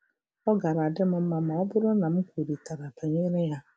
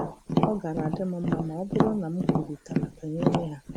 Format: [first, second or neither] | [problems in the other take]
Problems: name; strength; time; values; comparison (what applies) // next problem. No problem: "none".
first | background sound (Tap); 4 dB above the speech